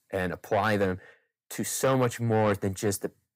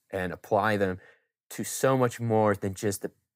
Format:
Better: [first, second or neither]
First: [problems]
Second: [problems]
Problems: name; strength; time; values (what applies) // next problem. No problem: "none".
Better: second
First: distortion; slight; 10 dB below the speech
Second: none